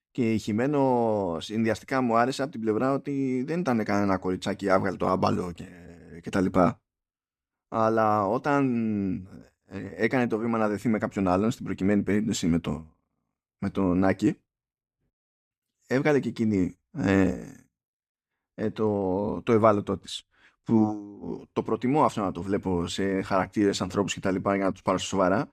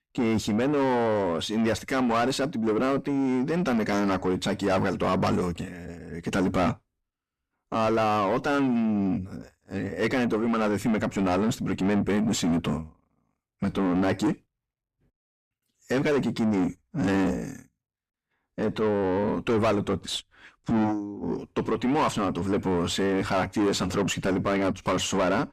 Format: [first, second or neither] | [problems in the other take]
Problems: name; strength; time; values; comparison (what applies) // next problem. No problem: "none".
first | distortion; heavy; 6 dB below the speech